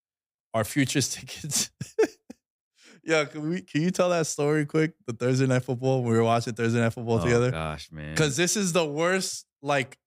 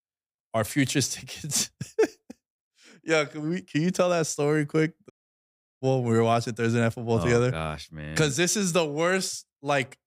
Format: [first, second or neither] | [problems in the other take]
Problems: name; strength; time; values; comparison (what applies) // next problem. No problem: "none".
first | audio cutting out; at 5 s for 0.5 s